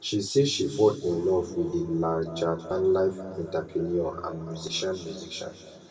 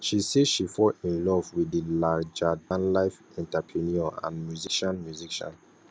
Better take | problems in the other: second | room echo; dies away in 2.4 s

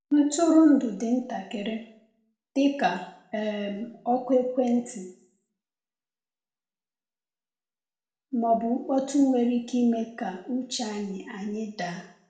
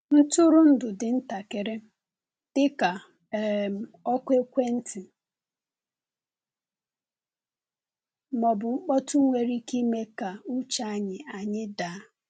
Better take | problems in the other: second | room echo; dies away in 0.6 s

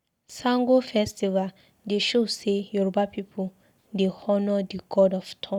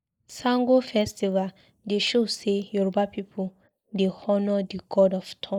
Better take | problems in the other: first | noise reduction (neural mask model Resemble Enhance denoiser)

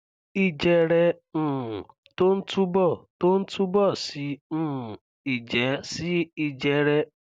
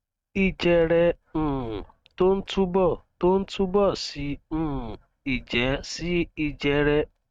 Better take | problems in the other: first | noise reduction (neural mask model RNNoise)

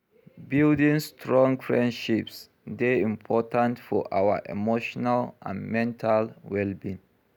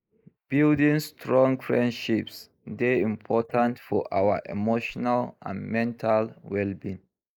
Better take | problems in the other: first | noise reduction (neural mask model Resemble Enhance denoiser)

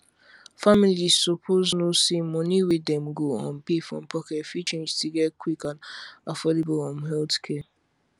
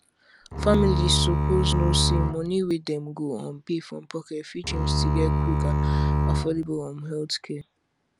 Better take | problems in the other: first | background sound (Bowed string instrument); 5 dB above the speech

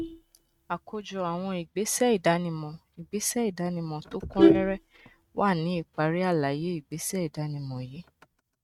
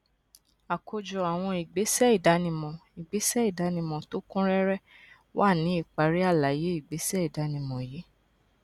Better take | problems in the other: second | noise reduction (neural mask model RNNoise)

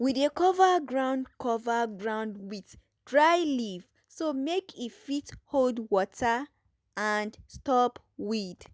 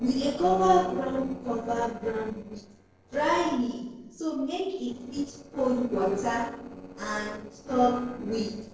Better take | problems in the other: first | noise reduction (neural separator model SepFormer DNS4)

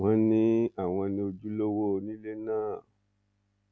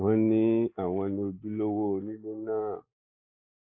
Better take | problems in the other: first | noise reduction (neural mask model Resemble Enhance denoiser)

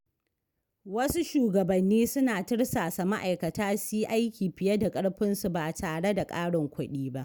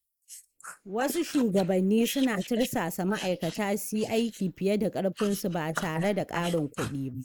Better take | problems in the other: first | noise reduction (neural mask model Resemble Enhance denoiser)

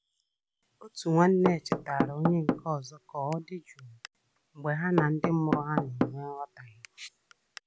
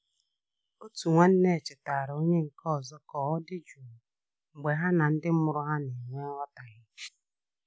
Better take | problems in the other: second | background sound (Knock / Wood); 4 dB below the speech

